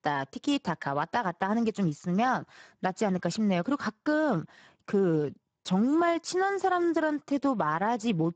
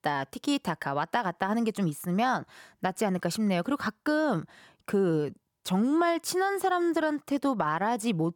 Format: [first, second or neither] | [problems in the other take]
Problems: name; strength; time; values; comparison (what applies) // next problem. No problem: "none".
second | garbled, watery; badly; nothing above 8 kHz